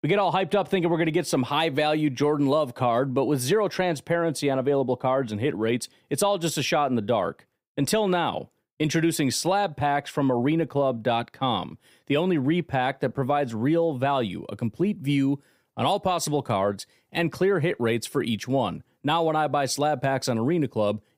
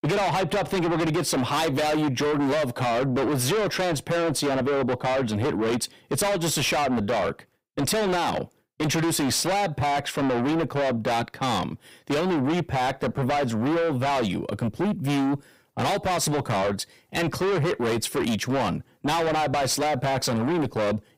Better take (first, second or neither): first